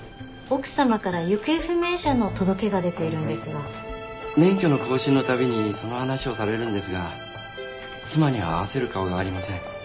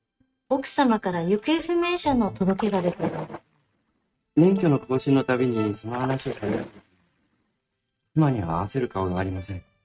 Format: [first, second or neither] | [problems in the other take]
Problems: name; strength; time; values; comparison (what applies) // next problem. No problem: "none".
first | noise reduction (neural mask model RNNoise)